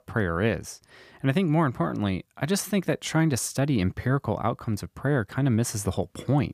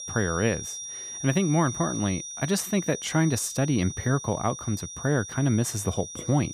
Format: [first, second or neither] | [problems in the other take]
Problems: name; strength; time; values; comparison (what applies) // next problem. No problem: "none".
first | high-pitched whine; loud; throughout; 6 kHz, 9 dB below the speech